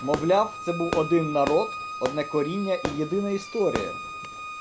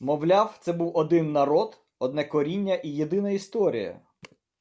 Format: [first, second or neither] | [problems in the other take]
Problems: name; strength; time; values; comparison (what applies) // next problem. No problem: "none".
second | background sound (Fireworks + Bowed string instrument); 8 dB below the speech